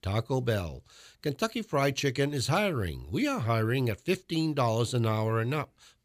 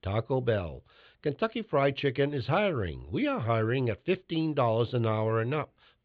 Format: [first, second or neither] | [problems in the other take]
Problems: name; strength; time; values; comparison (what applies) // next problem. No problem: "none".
first | muffled; very; fading above 3.5 kHz